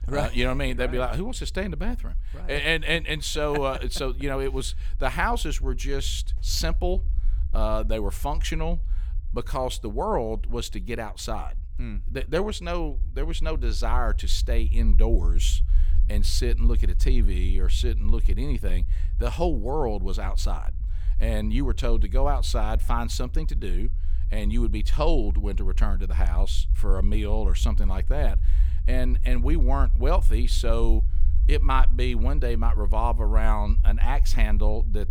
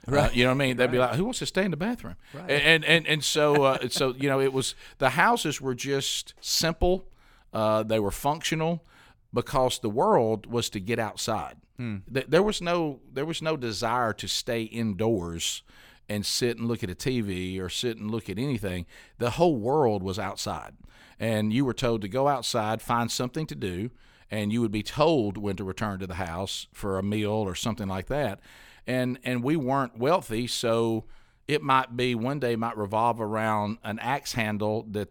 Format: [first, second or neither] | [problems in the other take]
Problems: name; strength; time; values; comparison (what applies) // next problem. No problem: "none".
second | low rumble; faint; throughout; 20 dB below the speech